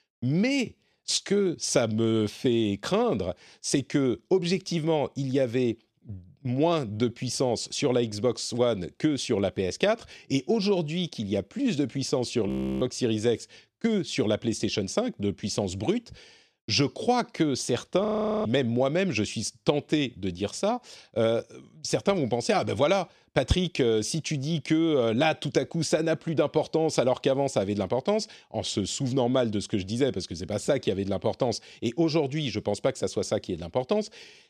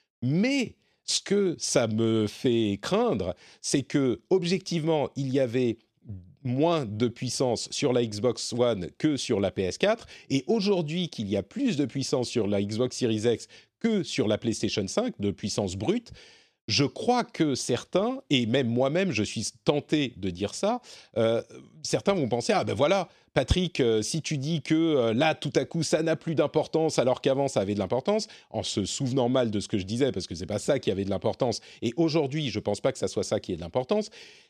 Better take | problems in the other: second | audio freezing; at 12 s and at 18 s

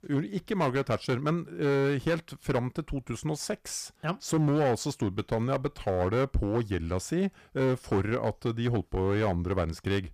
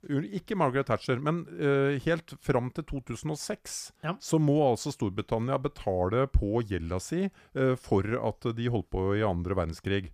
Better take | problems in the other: second | distortion; slight; 7% of the sound clipped

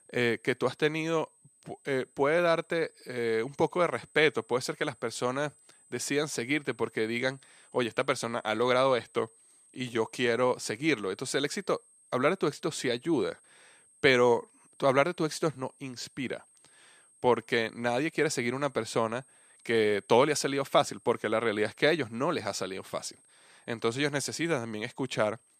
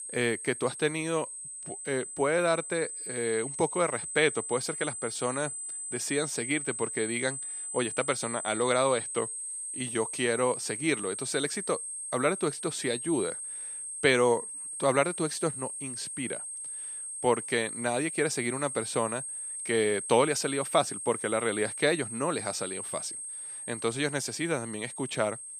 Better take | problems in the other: first | high-pitched whine; loud; throughout; 8.5 kHz, 5 dB below the speech; faint in the first

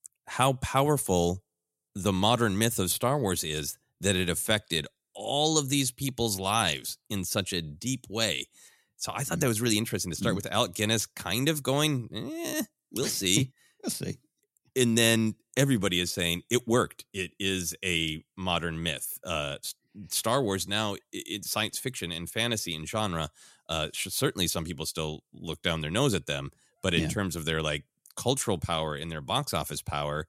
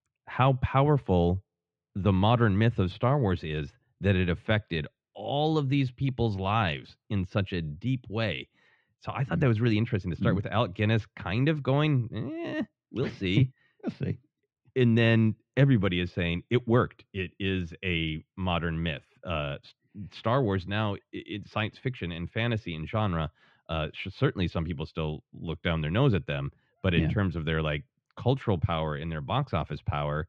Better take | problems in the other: first | muffled; very; fading above 3 kHz

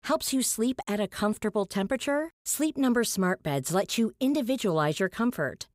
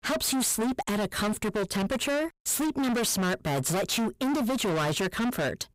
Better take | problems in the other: first | distortion; heavy; 38% of the sound clipped

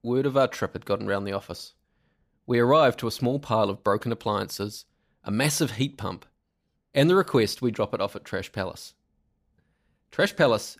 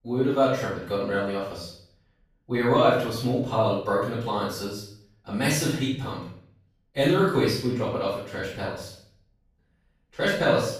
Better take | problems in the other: first | off-mic speech; far // room echo; noticeable; dies away in 0.5 s

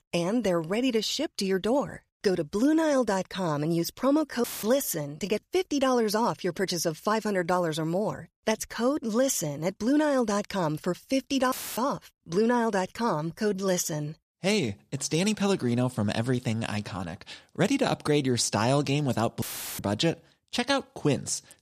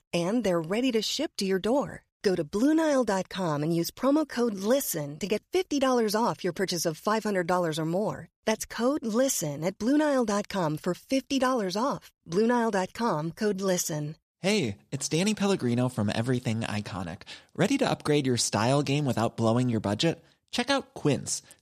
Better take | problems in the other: second | audio cutting out; filled with static; at 4.5 s, at 12 s and at 19 s

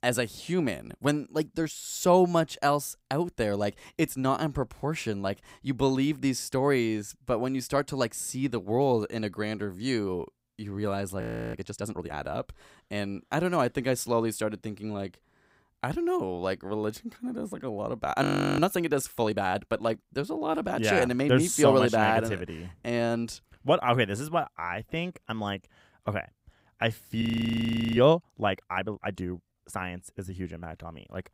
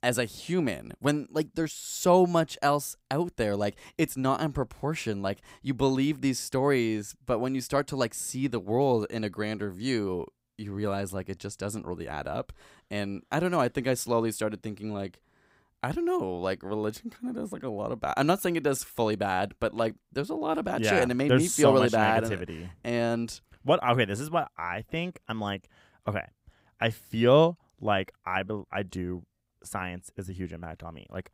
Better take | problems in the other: second | audio freezing; at 11 s, at 18 s and at 27 s for 0.5 s

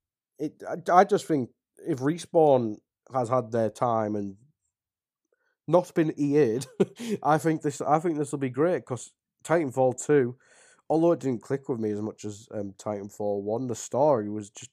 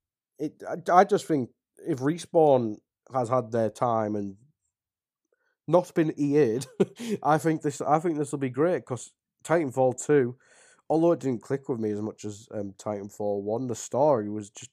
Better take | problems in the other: neither | none

